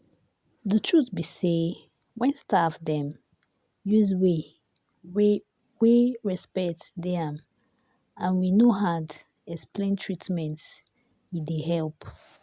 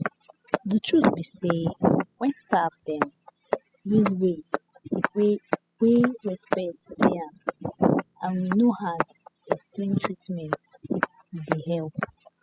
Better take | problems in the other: first | noise reduction (classical method spectral subtraction)

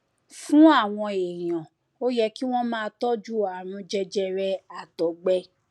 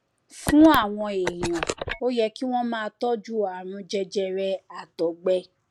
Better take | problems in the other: first | background sound (Telephone); 7 dB below the speech

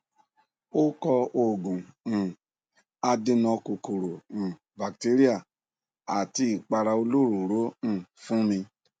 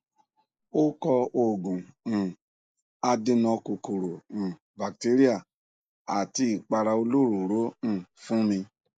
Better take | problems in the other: first | noise reduction (neural mask model Resemble Enhance denoiser)

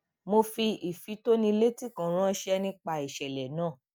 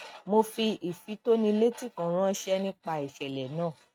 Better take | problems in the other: first | noise reduction (neural mask model RNNoise)

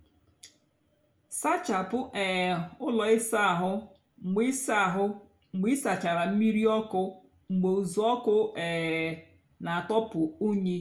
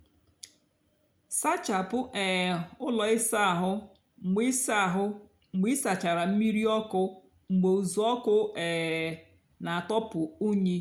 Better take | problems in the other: second | room echo; dies away in 0.2 s

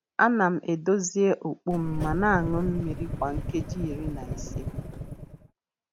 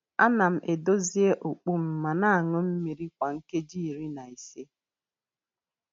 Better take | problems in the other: second | background sound (Engine starting / Car); 5 dB below the speech

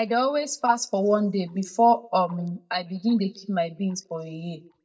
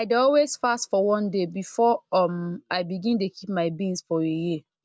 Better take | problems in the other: second | noise reduction (neural mask model DeepFilterNet 3)

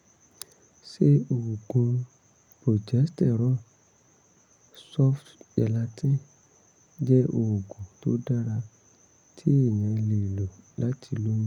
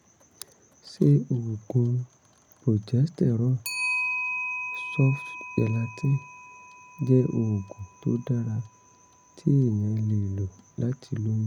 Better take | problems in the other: first | background sound (Clock); 11 dB below the speech

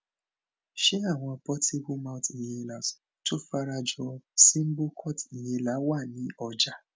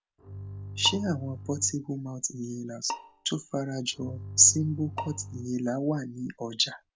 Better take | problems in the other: first | background sound (Bowed string instrument + Bowed string instrument); 12 dB below the speech

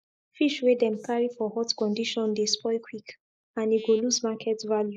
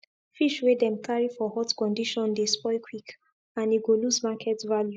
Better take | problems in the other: second | noise reduction (neural mask model Resemble Enhance denoiser)

